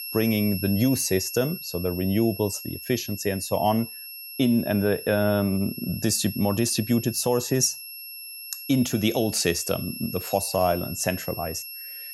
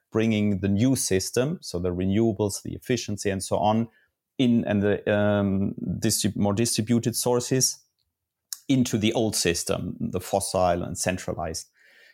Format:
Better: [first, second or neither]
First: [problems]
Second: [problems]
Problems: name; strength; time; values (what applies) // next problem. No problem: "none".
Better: second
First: high-pitched whine; noticeable; throughout; 11.5 kHz, 10 dB below the speech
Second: none